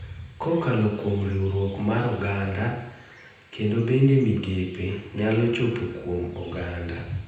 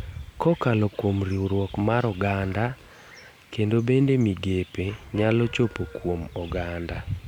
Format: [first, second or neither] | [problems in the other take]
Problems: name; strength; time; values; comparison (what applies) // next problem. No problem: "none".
second | room echo; dies away in 0.9 s